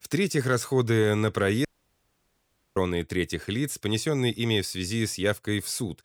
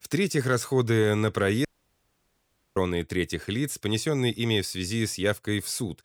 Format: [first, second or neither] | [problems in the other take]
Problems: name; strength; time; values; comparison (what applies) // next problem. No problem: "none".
neither | audio cutting out; at 1.5 s for 1 s; the same in both